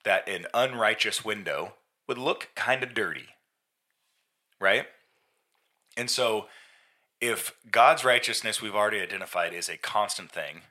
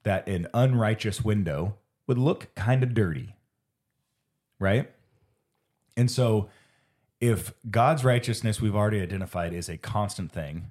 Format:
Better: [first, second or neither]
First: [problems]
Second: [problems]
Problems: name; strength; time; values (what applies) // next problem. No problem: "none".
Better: second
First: thin; very; fading below 650 Hz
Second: none